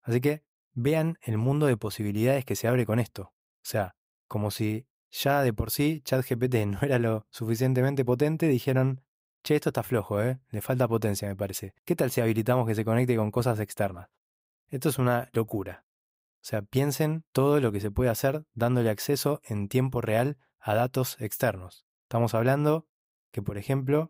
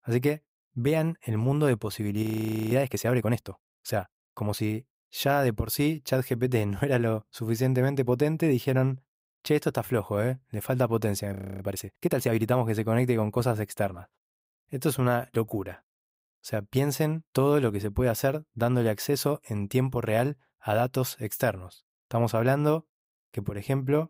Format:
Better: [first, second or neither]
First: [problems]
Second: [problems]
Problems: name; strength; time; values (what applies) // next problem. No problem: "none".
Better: first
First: none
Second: audio freezing; at 2 s and at 11 s